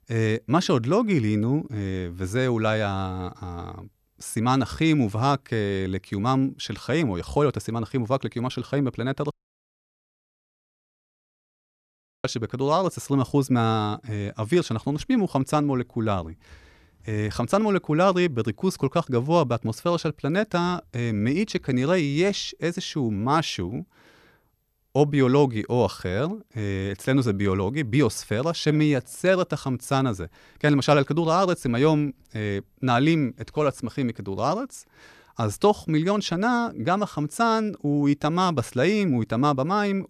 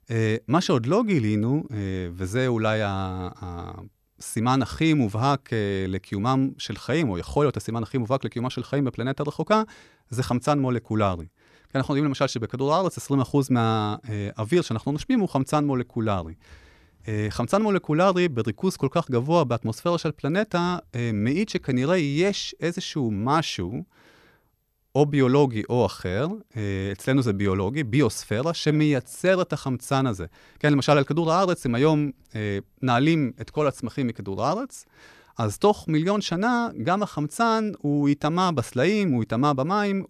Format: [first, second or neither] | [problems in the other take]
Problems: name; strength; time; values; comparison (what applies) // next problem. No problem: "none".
second | audio cutting out; at 9.5 s for 3 s